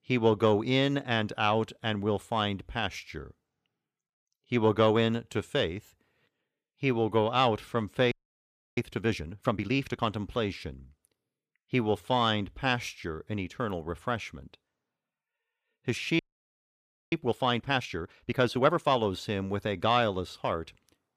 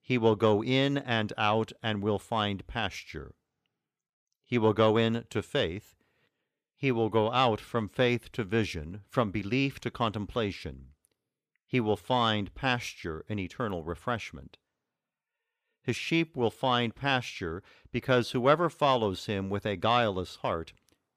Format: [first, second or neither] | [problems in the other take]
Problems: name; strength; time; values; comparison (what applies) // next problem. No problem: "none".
second | audio freezing; at 8 s for 0.5 s and at 16 s for 1 s